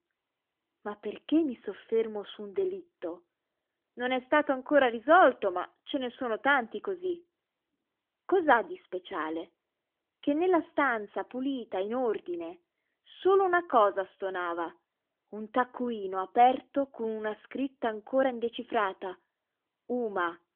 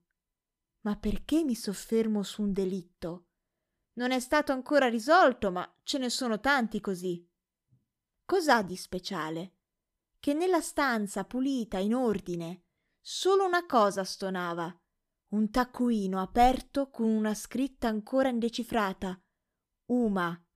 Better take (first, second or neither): second